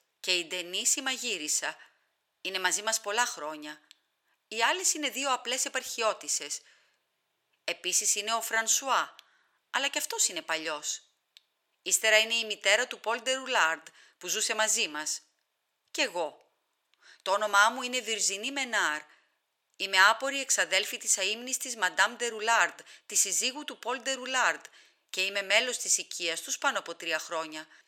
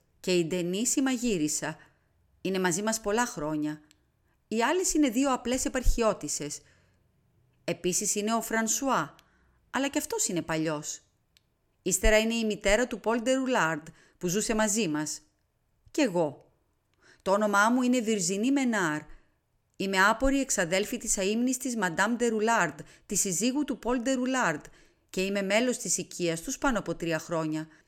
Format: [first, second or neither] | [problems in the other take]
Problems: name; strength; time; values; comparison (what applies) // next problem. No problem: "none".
second | thin; very; fading below 700 Hz